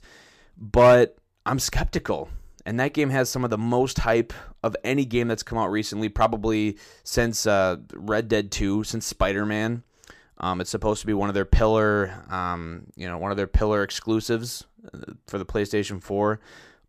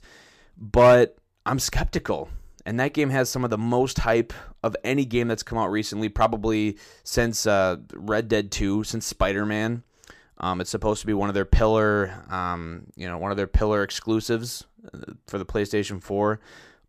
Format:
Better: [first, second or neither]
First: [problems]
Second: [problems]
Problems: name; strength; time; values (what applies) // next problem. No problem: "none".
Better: neither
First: none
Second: none